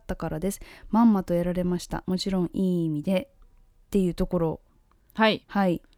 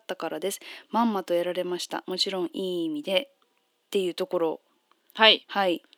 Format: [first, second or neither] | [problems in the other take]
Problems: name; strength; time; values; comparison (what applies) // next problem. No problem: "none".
first | thin; somewhat; fading below 300 Hz